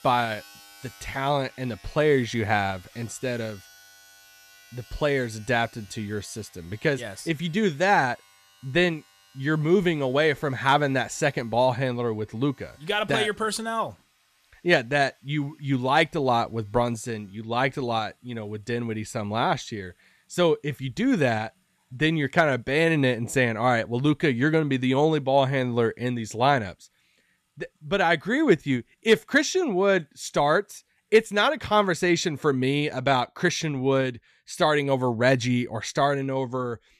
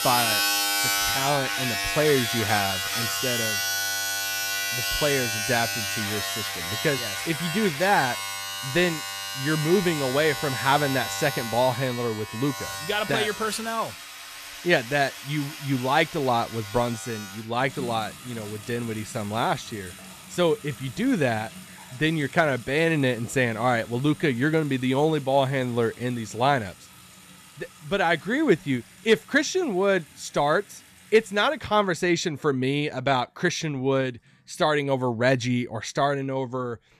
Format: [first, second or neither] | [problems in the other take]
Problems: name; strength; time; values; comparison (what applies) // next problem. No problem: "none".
first | household noises; loud; throughout; 3 dB below the speech; faint in the first